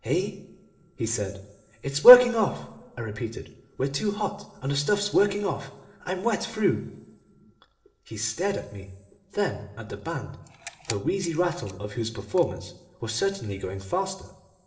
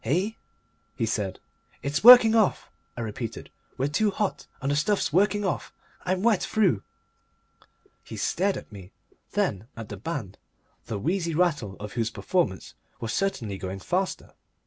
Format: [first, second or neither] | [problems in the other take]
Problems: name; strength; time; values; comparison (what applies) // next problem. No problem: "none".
second | noise reduction (neural separator model SepFormer DNS4)